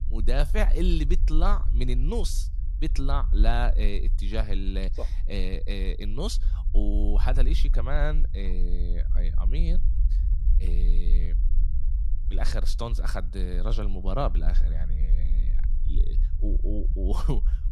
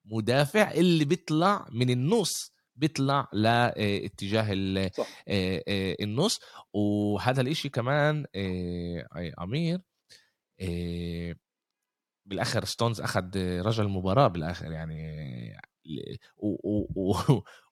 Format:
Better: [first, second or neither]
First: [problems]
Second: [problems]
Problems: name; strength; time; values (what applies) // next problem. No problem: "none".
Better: second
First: low rumble; noticeable; throughout; 15 dB below the speech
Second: none